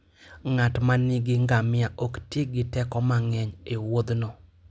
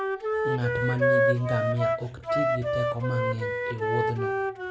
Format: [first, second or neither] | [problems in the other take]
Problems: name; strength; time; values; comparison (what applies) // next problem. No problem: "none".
first | background sound (Wind instrument, woodwind instrument); 4 dB above the speech // room echo; dies away in 1.3 s